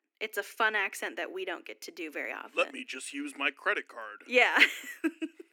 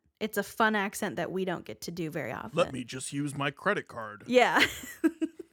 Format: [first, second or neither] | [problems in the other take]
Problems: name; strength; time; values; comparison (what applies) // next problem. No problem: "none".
second | thin; very slightly; fading below 250 Hz